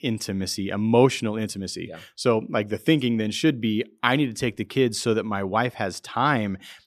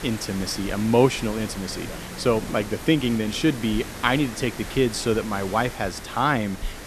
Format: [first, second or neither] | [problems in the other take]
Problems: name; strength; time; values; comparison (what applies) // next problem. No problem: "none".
first | hiss; noticeable; throughout; 10 dB below the speech